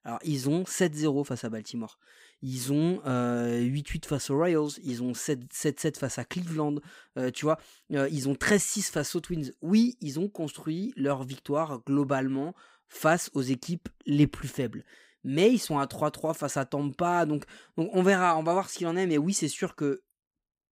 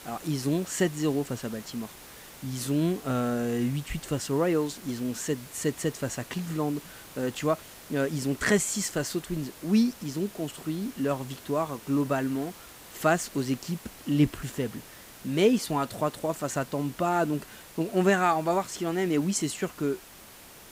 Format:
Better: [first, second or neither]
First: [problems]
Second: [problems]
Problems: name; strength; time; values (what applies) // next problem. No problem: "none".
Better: first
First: none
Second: hiss; noticeable; throughout; 15 dB below the speech